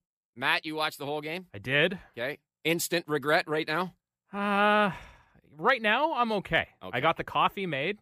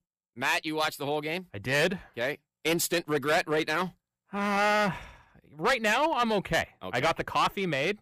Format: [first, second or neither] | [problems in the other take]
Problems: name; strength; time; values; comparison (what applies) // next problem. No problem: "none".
first | distortion; heavy; 7% of the sound clipped